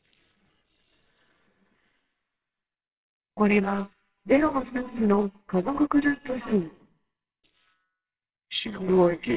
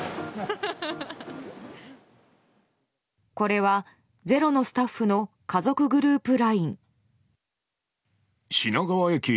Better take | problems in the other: second | noise reduction (neural separator model SepFormer WHAMR!)

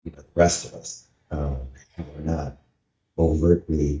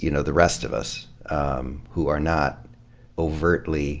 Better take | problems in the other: second | noise reduction (neural mask model DeepFilterNet 3)

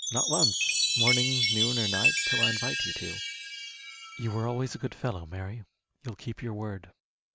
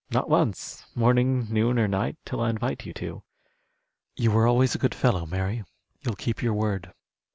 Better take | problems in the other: second | background sound (Chime); 4 dB above the speech

